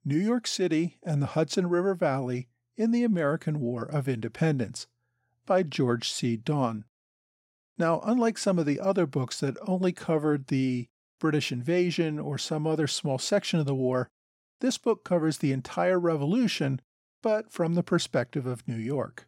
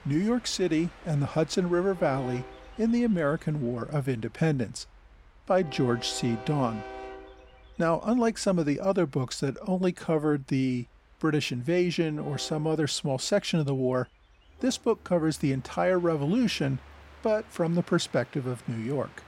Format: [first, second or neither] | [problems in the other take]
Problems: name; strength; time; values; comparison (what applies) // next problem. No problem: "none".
first | train or aircraft noise; noticeable; throughout; 20 dB below the speech